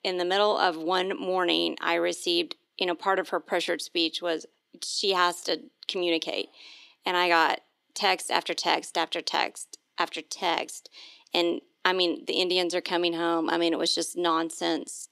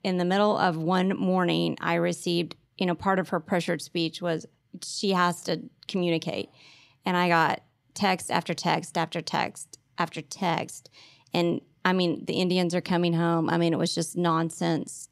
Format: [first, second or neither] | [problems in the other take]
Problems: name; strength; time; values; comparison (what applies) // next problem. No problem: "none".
second | thin; somewhat; fading below 300 Hz